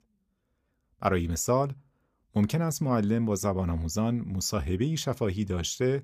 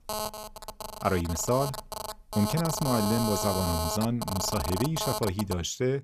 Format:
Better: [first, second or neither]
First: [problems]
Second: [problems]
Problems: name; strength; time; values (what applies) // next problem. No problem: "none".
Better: first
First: none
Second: phone ringing; noticeable; peak 1 dB below the speech